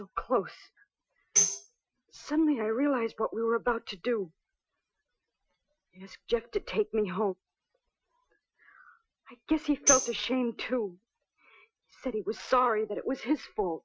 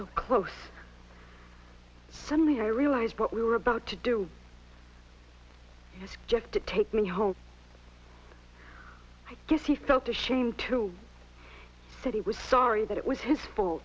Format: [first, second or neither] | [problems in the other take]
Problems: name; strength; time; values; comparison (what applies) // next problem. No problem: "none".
second | noise reduction (classical method Wiener filter)